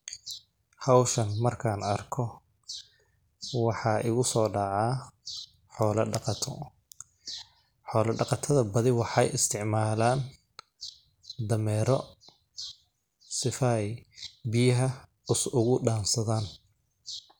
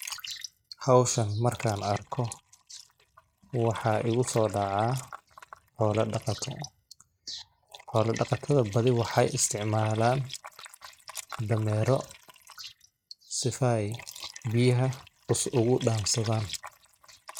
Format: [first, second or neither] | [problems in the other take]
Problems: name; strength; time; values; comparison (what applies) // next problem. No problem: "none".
first | noise reduction (neural mask model RNNoise)